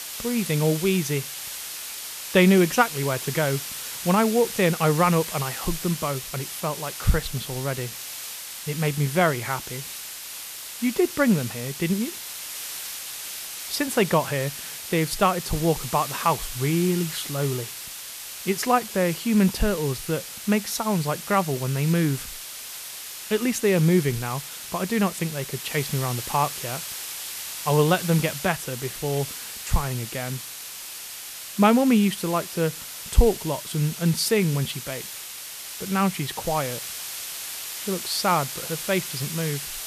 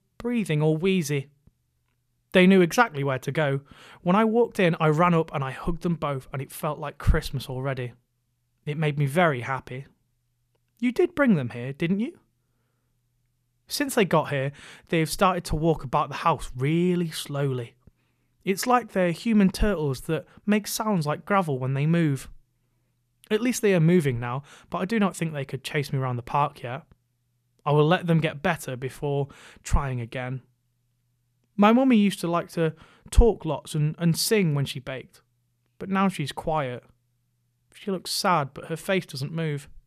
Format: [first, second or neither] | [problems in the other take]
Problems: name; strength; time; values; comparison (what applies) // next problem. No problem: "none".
second | hiss; loud; throughout; 8 dB below the speech